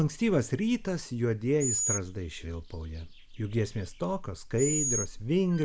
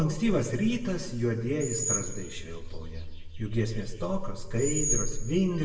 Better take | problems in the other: first | room echo; dies away in 1.3 s

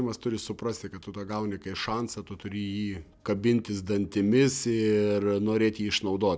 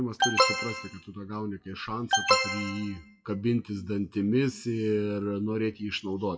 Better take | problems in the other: first | noise reduction (classical method WPE with log-MMSE)

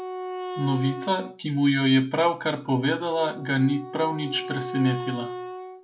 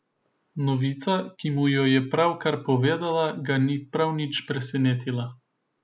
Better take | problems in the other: second | background sound (Wind instrument, woodwind instrument); 11 dB below the speech // room echo; dies away in 0.2 s

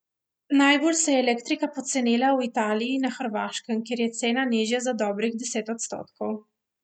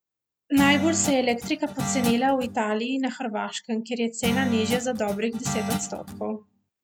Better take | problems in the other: first | background sound (Guitar); 6 dB below the speech

